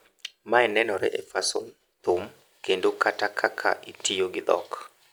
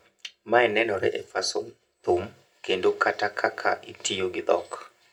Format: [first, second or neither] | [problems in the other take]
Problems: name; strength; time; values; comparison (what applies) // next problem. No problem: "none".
first | room echo; dies away in 0.2 s